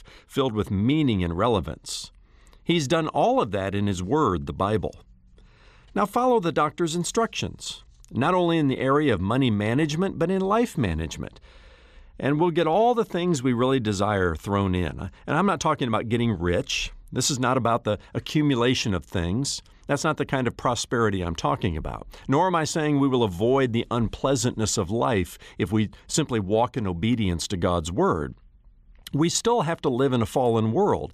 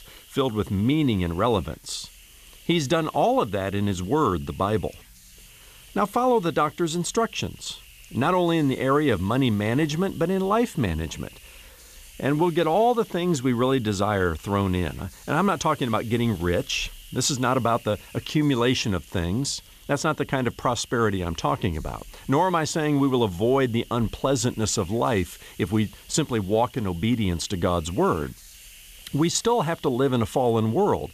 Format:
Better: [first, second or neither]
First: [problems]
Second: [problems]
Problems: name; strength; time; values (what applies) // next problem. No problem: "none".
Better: first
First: none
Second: hiss; faint; throughout; 25 dB below the speech